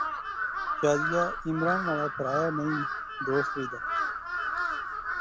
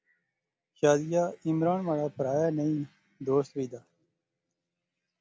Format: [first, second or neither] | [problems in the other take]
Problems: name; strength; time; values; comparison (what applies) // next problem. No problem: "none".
second | background sound (Crow); as loud as the speech